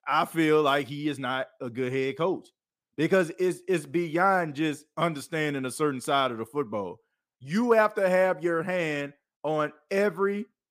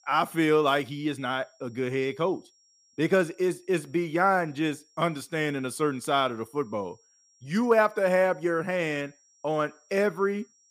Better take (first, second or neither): first